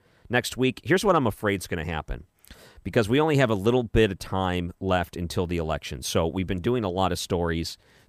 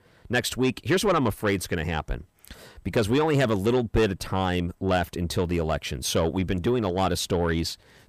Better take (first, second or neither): first